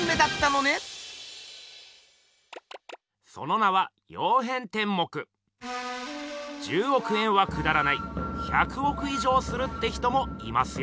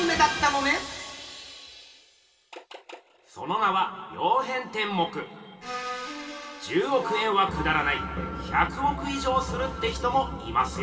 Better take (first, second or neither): first